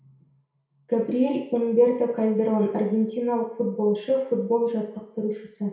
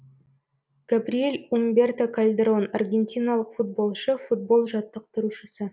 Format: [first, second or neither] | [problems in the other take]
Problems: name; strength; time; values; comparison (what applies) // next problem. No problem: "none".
second | room echo; dies away in 0.6 s